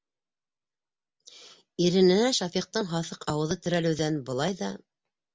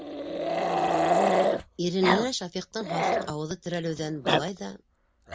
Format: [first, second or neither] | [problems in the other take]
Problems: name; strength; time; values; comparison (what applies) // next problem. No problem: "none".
first | background sound (Growling); 4 dB above the speech